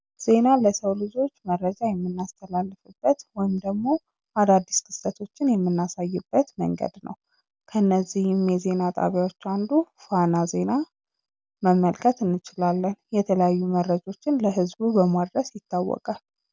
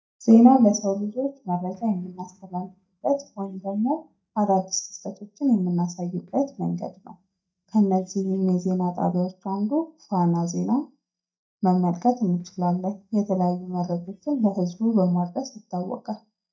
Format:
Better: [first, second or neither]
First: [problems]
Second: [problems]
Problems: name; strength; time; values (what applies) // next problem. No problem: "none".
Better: first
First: none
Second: noise reduction (neural mask model DeepFilterNet 3)